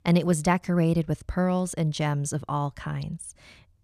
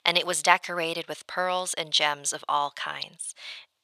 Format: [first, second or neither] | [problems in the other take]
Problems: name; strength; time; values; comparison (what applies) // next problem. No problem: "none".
first | thin; very; fading below 800 Hz